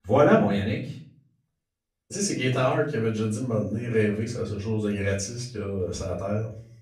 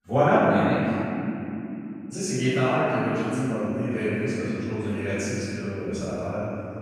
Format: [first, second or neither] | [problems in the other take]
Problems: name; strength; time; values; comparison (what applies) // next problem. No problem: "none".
first | room echo; strong; dies away in 3 s; slight in the first // off-mic speech; far; far in the first